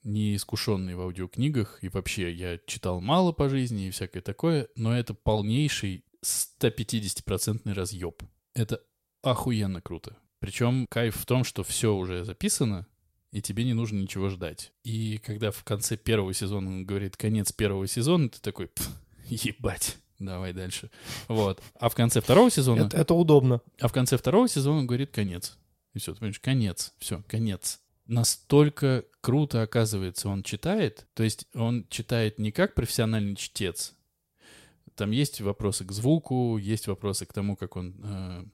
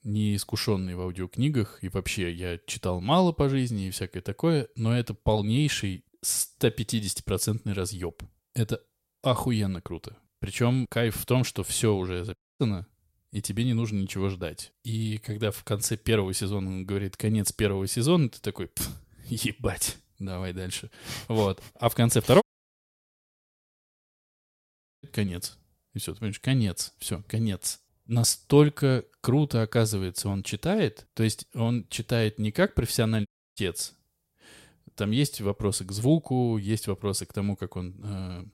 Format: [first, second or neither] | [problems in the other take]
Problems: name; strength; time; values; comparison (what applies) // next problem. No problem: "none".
first | audio cutting out; at 12 s, at 22 s for 2.5 s and at 33 s